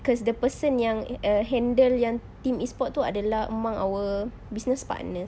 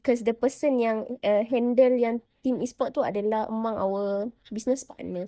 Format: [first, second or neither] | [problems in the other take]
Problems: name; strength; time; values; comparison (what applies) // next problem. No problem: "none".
first | noise reduction (neural mask model DeepFilterNet 3)